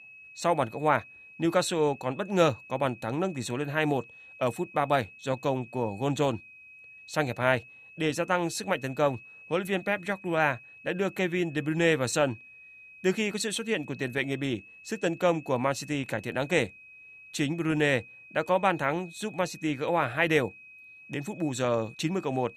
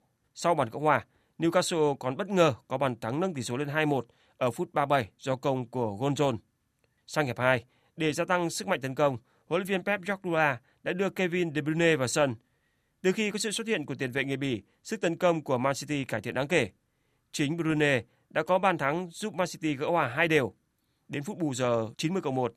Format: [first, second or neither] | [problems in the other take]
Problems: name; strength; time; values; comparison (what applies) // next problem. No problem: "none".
second | high-pitched whine; noticeable; throughout; 2.5 kHz, 20 dB below the speech